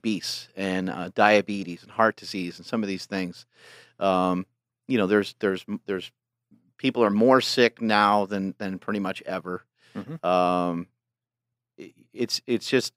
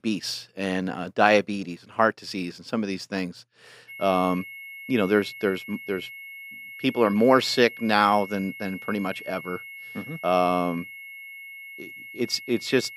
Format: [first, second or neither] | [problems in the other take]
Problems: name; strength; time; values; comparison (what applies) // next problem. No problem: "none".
first | high-pitched whine; noticeable; from 4 s on; 2 kHz, 15 dB below the speech